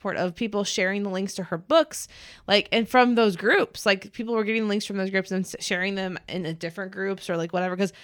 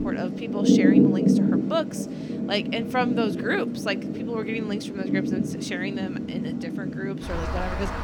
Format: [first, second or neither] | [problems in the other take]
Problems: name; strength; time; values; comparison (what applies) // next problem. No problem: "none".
first | rain or running water; very loud; throughout; 5 dB above the speech